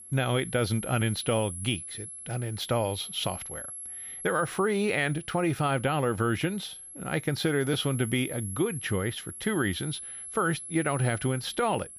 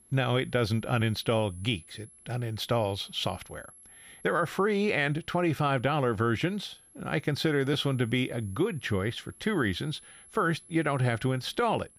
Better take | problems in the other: second | high-pitched whine; loud; throughout; 11 kHz, 10 dB below the speech; faint in the second

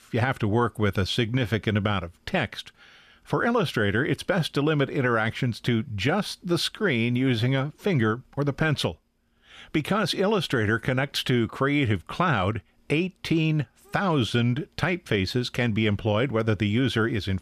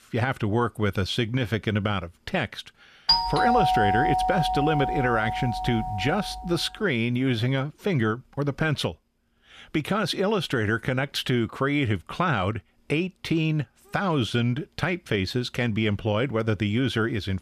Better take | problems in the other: first | doorbell; loud; from 3 to 6 s; peak 5 dB above the speech

